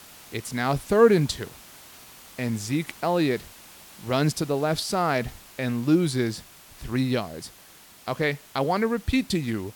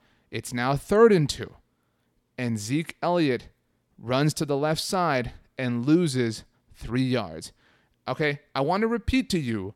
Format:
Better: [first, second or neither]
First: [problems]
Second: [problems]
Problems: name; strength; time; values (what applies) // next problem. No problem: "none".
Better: second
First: hiss; faint; throughout; 20 dB below the speech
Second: none